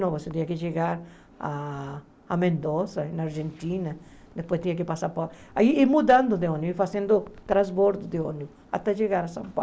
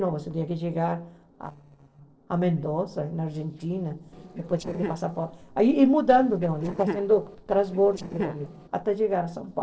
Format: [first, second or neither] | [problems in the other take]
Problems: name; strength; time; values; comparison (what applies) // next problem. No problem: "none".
first | noise reduction (neural separator model SepFormer DNS4)